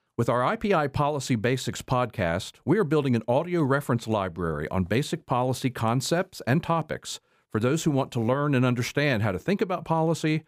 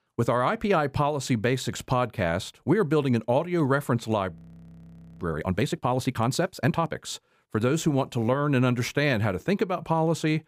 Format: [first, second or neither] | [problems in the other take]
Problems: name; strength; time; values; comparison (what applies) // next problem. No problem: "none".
first | audio freezing; at 4.5 s for 1 s